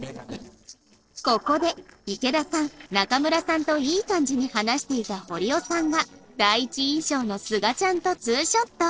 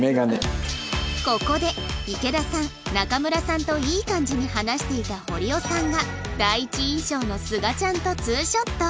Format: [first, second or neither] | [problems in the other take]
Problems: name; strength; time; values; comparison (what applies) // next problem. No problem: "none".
second | noise reduction (neural separator model SepFormer DNS4)